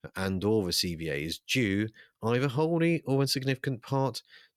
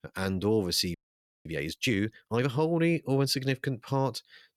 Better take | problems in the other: first | audio freezing; at 1 s for 0.5 s

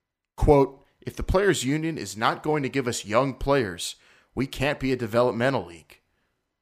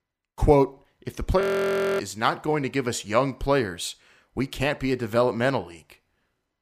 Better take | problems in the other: first | audio freezing; at 1.5 s for 0.5 s

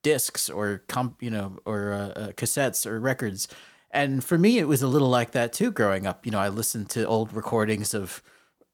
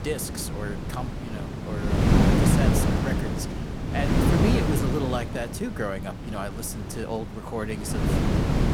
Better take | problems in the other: first | wind noise on the microphone; heavy; 3 dB above the speech

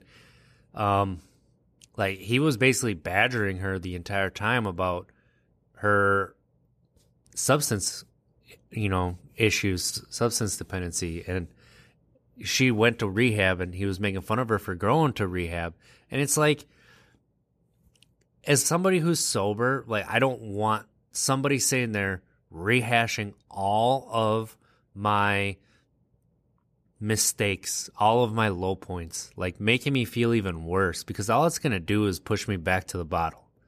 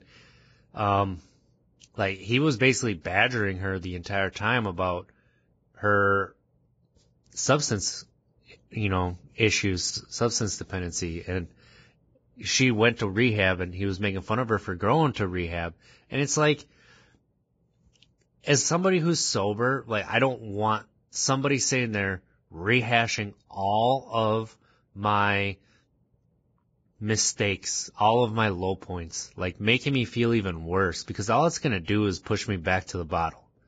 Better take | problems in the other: first | garbled, watery; badly; nothing above 7.5 kHz

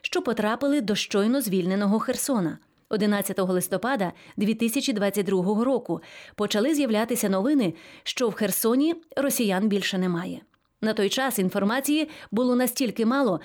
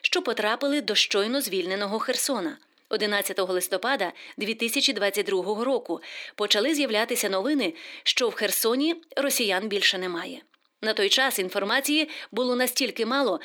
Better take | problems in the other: first | thin; somewhat; fading below 300 Hz

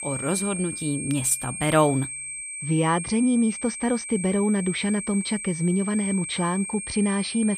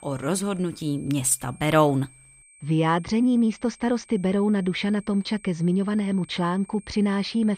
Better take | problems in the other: second | high-pitched whine; loud; throughout; 8.5 kHz, 7 dB below the speech; faint in the second

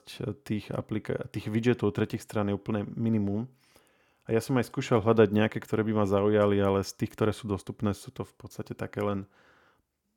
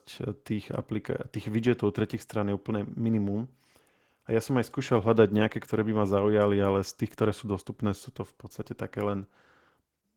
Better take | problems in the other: first | garbled, watery; slightly; nothing above 18 kHz

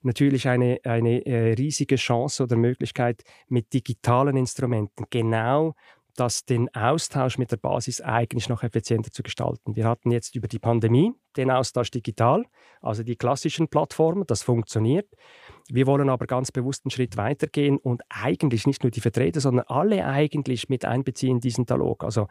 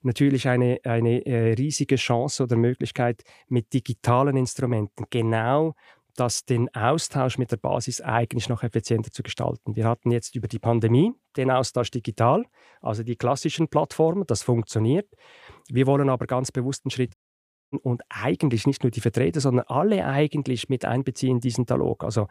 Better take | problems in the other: first | audio cutting out; at 17 s for 0.5 s

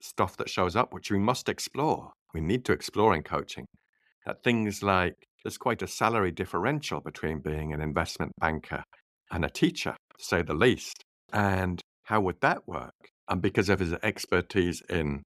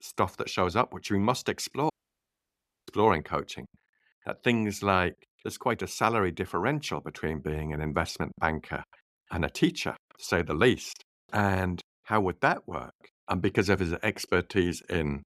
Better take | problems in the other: first | audio cutting out; at 2 s for 1 s

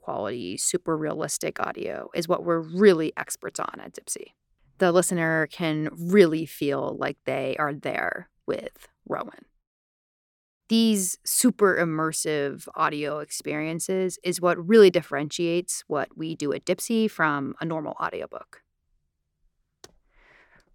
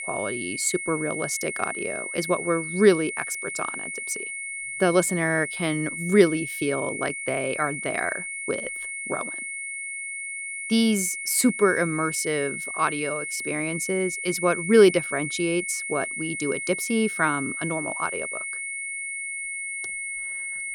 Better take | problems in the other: first | high-pitched whine; loud; throughout; 2 kHz, 5 dB below the speech

